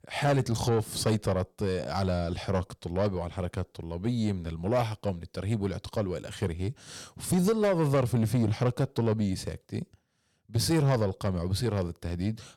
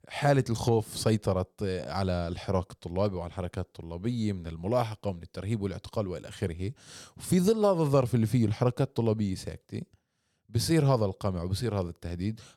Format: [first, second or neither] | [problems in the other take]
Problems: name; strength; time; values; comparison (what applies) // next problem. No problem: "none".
second | distortion; slight; 10 dB below the speech